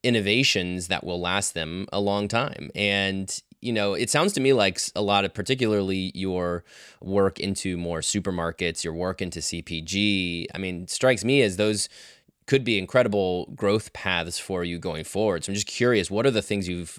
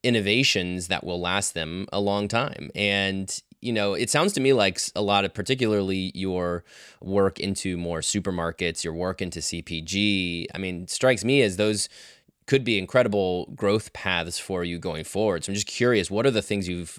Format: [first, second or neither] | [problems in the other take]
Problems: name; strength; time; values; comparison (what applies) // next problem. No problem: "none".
neither | none